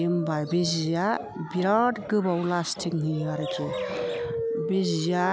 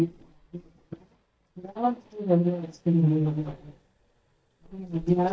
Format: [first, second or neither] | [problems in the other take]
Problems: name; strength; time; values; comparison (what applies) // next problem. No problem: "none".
first | noise reduction (neural mask model DeepFilterNet 3)